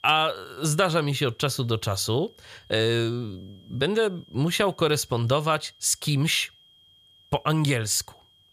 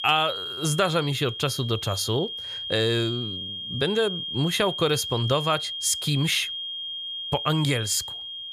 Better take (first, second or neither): first